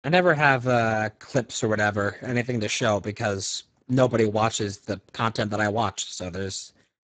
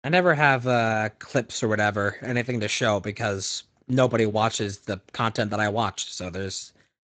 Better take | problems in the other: second | garbled, watery; badly; nothing above 7.5 kHz; slightly in the second

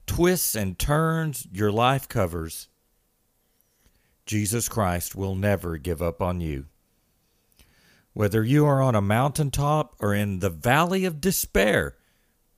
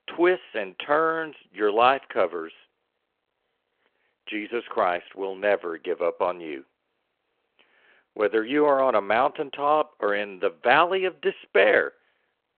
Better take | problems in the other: first | phone-call audio

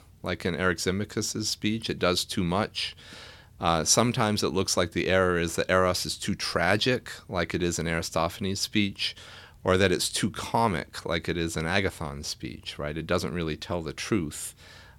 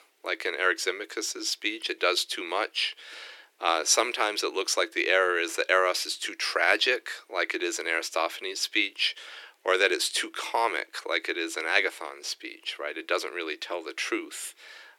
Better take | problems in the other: first | thin; very; fading below 350 Hz

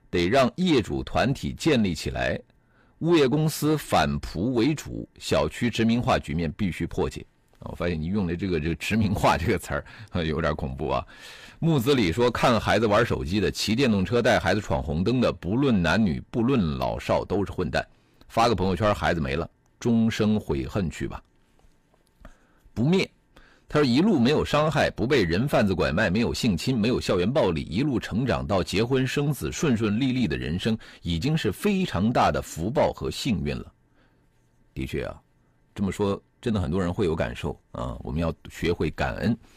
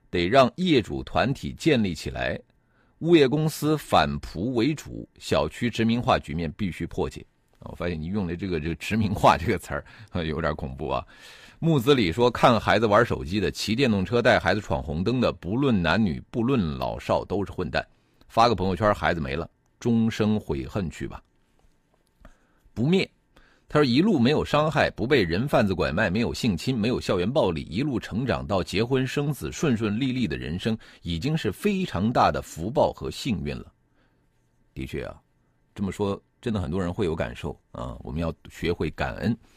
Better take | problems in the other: second | distortion; slight; 10 dB below the speech

